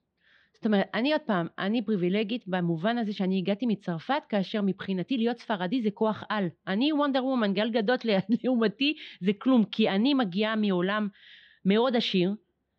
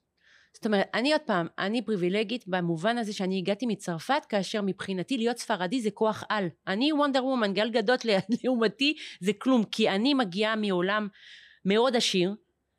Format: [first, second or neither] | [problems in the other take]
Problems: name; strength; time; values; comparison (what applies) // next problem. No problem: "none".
second | muffled; very slightly; fading above 3.5 kHz